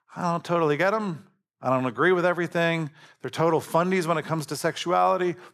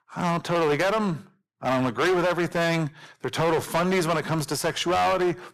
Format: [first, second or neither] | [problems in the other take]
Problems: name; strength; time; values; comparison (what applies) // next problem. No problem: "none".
first | distortion; heavy; 18% of the sound clipped